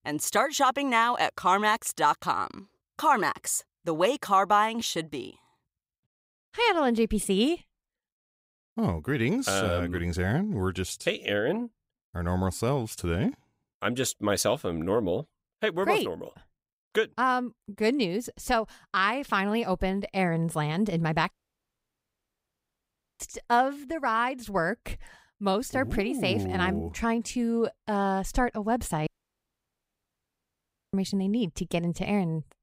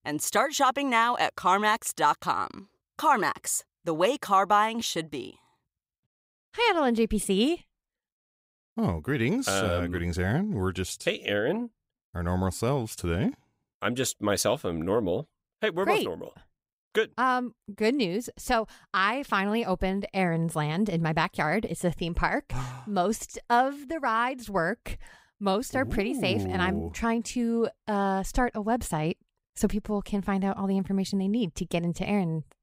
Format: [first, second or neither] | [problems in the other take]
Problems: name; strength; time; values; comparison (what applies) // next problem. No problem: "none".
second | audio cutting out; at 21 s for 2 s and at 29 s for 2 s